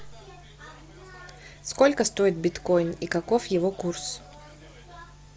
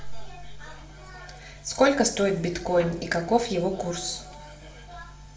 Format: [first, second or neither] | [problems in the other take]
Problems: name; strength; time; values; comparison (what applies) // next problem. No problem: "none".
first | background sound (Guitar); 18 dB below the speech // room echo; dies away in 0.4 s